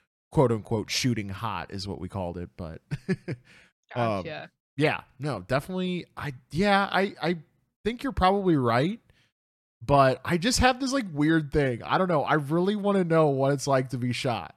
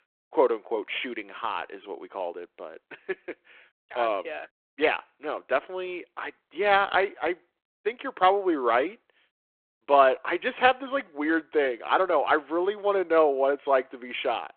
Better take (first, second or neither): first